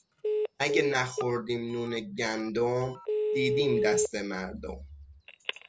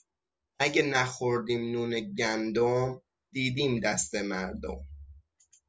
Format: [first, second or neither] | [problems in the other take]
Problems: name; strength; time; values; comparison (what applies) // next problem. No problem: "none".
second | background sound (Telephone); 1 dB below the speech